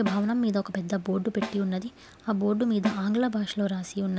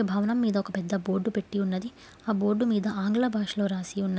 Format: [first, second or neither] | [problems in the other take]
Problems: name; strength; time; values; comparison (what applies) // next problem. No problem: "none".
second | background sound (Snare drum); 13 dB below the speech